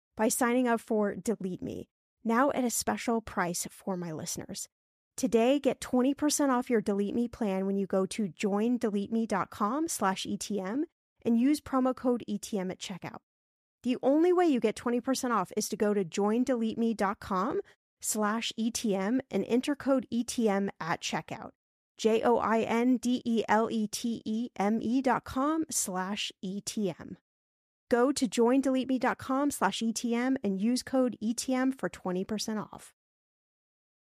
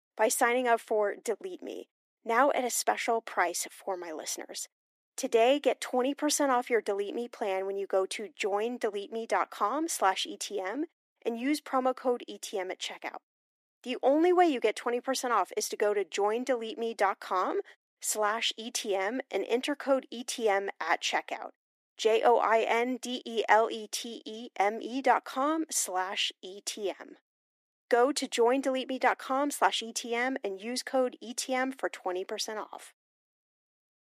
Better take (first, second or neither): first